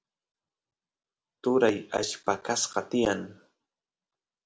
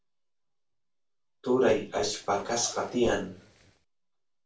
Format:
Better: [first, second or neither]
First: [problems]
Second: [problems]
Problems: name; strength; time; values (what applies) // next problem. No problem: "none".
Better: first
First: none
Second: background sound (Zipper (clothing)); 18 dB below the speech // room echo; dies away in 0.2 s